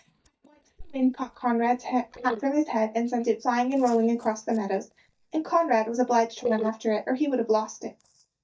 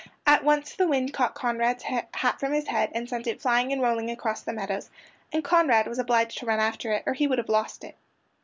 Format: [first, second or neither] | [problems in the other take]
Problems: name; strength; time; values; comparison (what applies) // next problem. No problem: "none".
second | noise reduction (neural mask model DeepFilterNet 3)